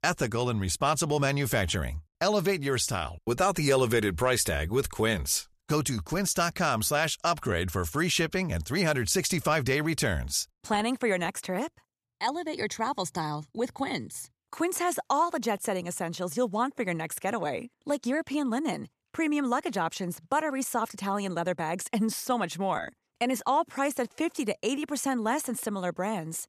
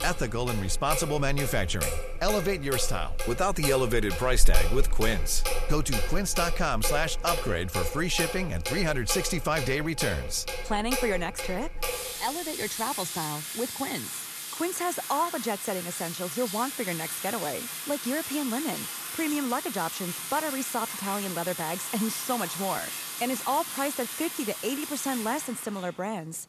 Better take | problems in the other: first | household noises; loud; throughout; 3 dB below the speech

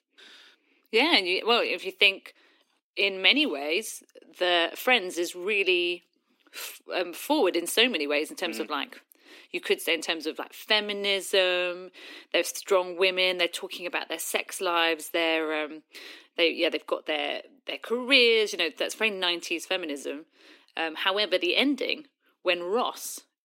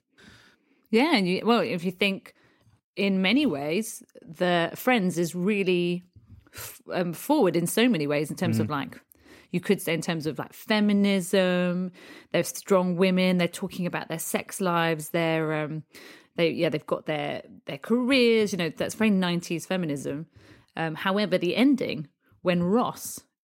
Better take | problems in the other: second | thin; somewhat; fading below 300 Hz

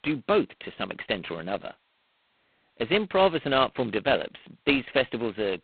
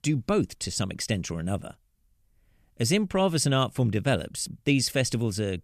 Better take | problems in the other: second | phone-call audio; poor line; nothing above 4 kHz

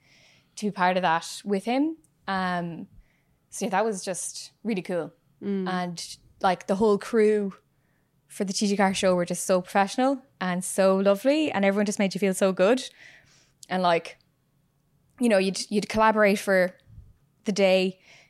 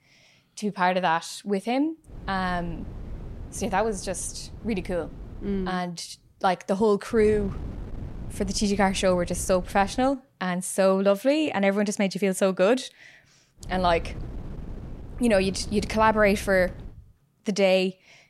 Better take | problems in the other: first | wind noise on the microphone; occasional gusts; from 2 to 5.5 s, from 7 to 10 s and from 14 to 17 s; 25 dB below the speech

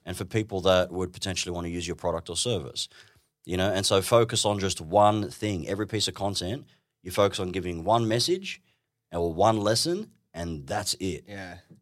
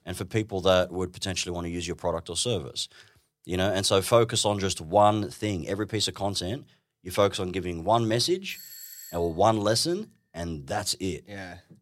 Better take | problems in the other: first | doorbell; faint; at 8.5 s; peak 15 dB below the speech

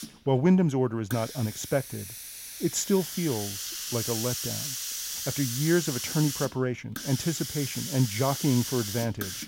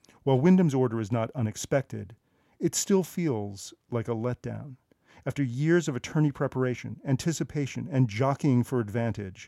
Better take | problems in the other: second | hiss; loud; throughout; 5 dB below the speech

